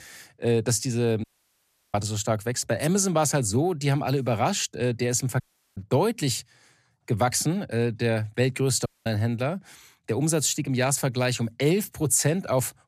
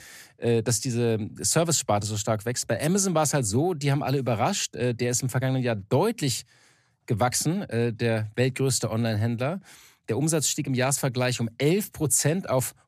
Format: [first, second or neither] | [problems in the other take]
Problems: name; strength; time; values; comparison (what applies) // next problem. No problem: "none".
second | audio cutting out; at 1 s for 0.5 s, at 5.5 s and at 9 s